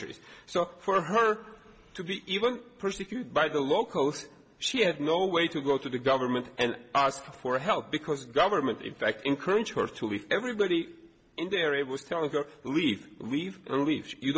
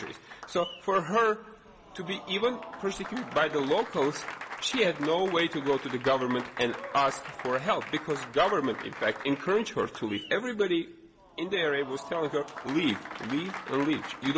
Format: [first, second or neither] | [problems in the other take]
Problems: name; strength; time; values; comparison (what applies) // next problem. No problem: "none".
first | background sound (Applause); 12 dB below the speech